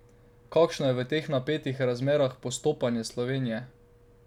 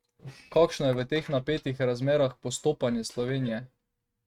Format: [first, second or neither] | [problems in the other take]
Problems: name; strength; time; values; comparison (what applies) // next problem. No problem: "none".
first | noise reduction (neural mask model RNNoise)